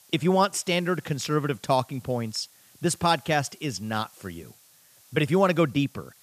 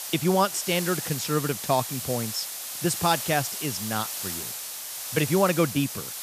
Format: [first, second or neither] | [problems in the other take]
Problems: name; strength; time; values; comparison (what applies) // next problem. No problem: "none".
first | hiss; loud; throughout; 5 dB below the speech; faint in the first